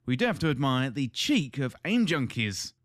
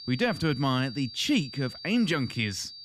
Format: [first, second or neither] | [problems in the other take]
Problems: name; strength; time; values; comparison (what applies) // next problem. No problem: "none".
first | high-pitched whine; noticeable; throughout; 4.5 kHz, 15 dB below the speech